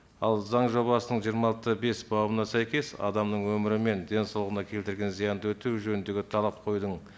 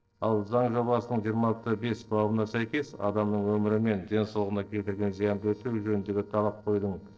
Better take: first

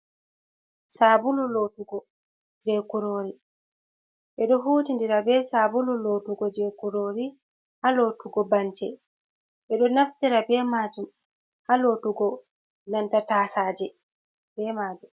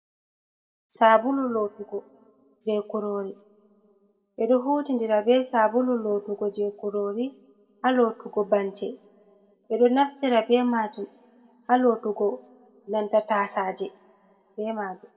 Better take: first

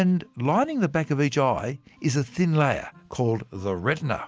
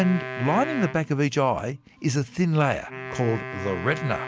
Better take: first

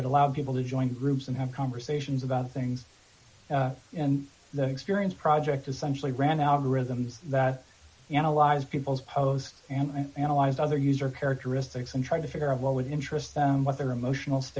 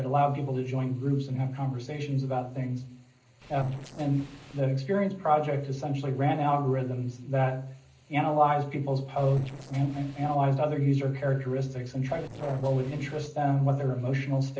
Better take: first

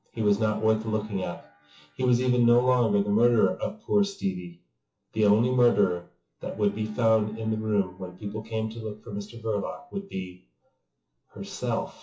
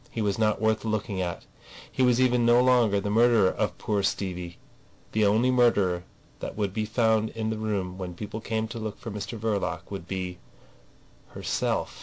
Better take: second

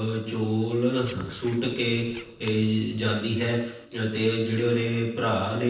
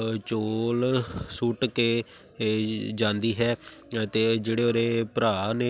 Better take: second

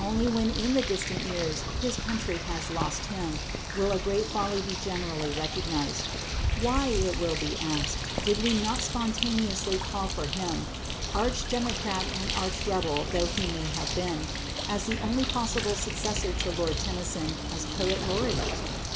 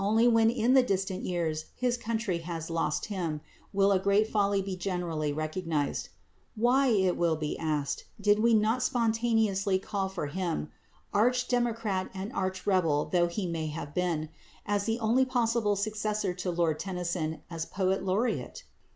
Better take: second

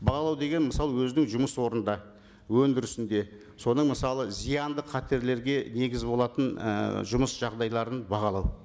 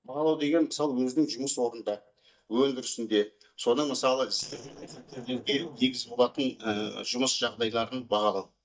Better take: first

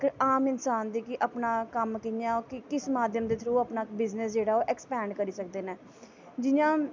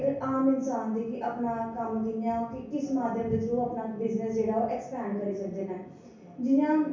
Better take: first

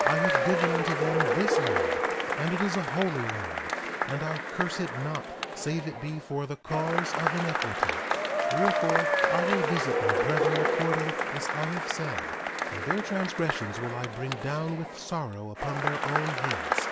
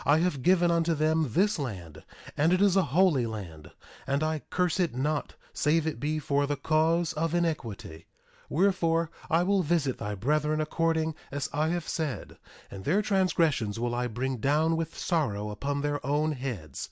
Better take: second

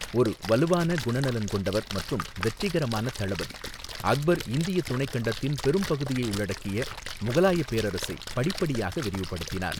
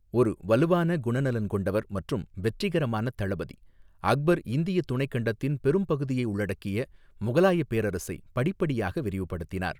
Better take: second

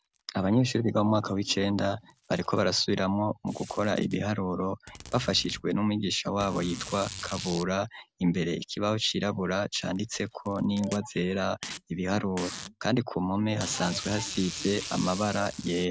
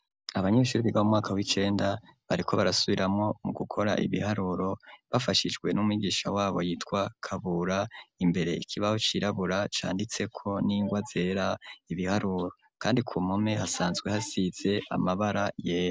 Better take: second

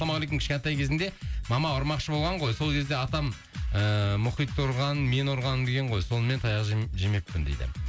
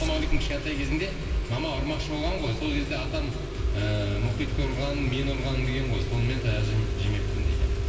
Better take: first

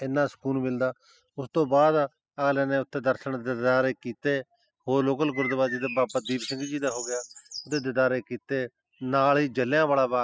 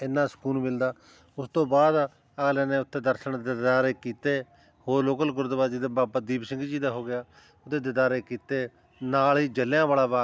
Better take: second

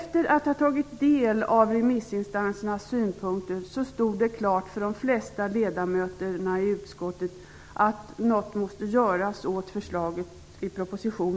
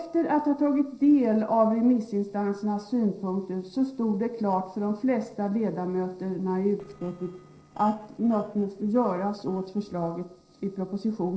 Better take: first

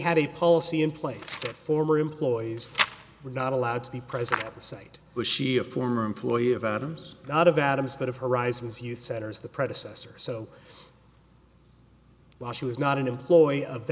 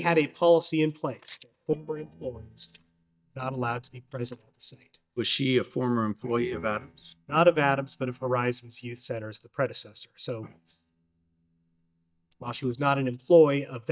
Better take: first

